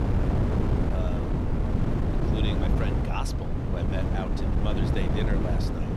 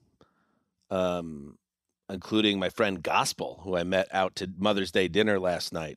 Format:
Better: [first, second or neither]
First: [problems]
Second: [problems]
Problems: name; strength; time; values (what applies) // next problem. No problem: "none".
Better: second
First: wind noise on the microphone; heavy; 2 dB above the speech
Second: none